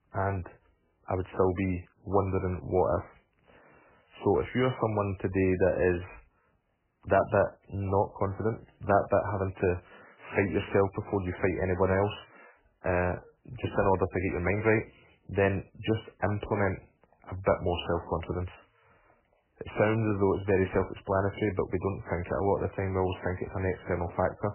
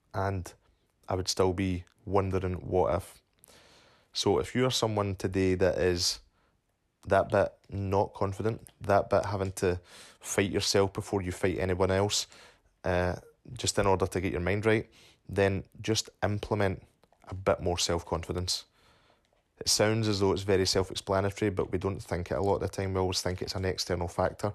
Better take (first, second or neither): second